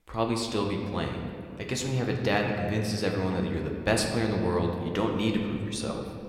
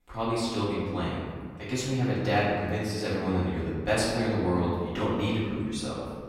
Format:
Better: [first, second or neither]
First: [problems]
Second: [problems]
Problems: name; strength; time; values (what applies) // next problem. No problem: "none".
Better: first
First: room echo; slight; dies away in 2 s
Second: room echo; strong; dies away in 1.6 s // off-mic speech; far